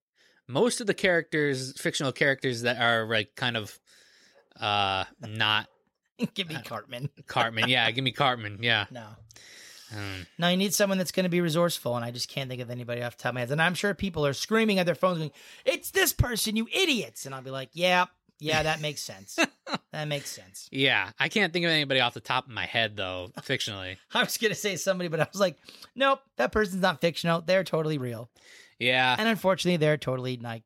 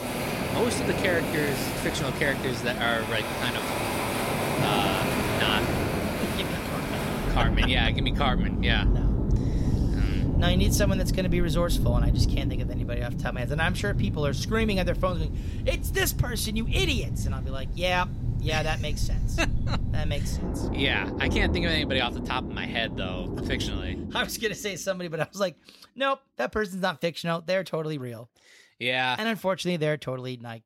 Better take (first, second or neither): first